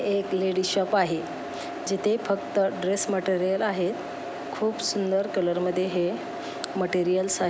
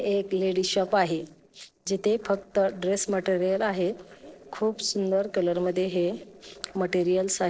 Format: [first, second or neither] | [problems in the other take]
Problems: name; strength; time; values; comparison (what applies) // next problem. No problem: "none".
first | noise reduction (neural separator model SepFormer DNS4)